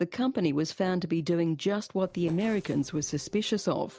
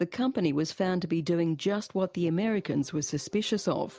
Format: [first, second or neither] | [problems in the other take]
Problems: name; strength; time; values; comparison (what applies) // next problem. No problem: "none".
second | noise reduction (neural separator model SepFormer DNS4)